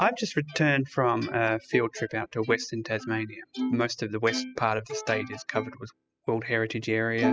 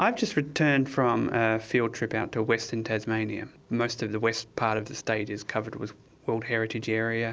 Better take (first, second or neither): second